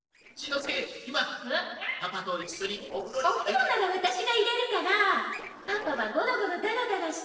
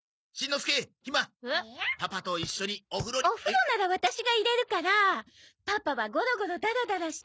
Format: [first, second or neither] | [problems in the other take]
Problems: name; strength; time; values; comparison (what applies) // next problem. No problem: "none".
second | noise reduction (neural separator model SepFormer DNS4)